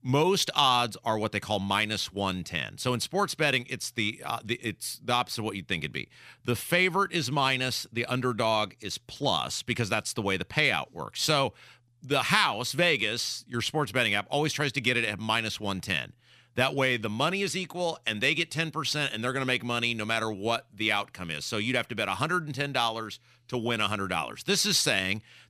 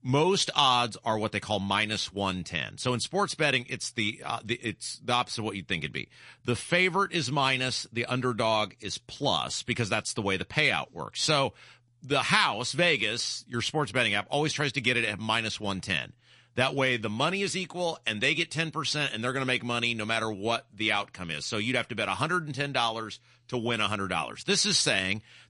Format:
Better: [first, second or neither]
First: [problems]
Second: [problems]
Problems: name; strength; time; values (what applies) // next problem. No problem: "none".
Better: first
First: none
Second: garbled, watery; slightly; nothing above 10.5 kHz